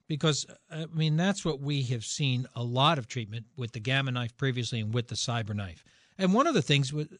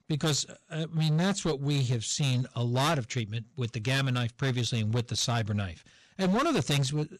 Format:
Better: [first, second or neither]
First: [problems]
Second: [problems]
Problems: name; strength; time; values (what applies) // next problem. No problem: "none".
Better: first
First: none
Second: distortion; heavy; 14% of the sound clipped